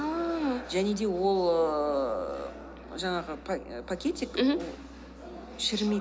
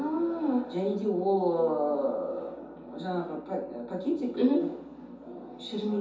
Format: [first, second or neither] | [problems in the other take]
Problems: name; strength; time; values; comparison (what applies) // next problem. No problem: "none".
first | room echo; dies away in 0.6 s